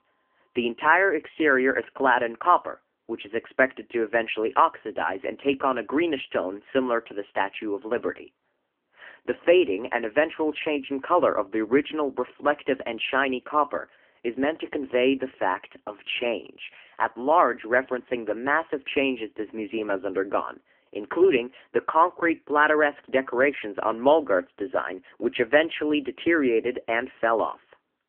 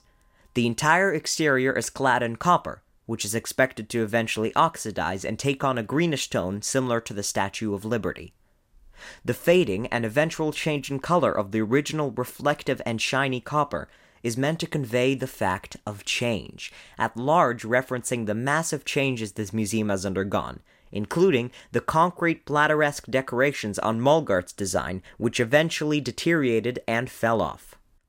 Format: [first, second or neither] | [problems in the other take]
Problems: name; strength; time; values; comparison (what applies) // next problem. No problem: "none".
second | phone-call audio; poor line; nothing above 3 kHz